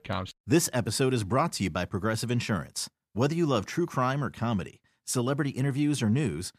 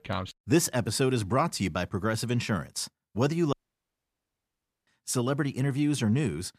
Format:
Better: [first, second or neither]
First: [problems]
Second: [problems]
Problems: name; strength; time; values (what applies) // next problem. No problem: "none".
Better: first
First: none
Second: audio cutting out; at 3.5 s for 1.5 s